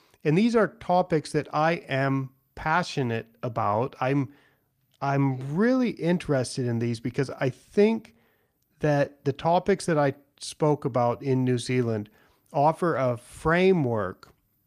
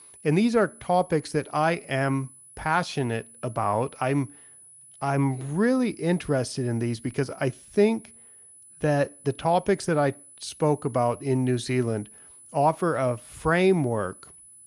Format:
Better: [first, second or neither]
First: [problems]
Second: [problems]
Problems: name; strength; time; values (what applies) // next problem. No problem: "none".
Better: first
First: none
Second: high-pitched whine; faint; throughout; 10 kHz, 20 dB below the speech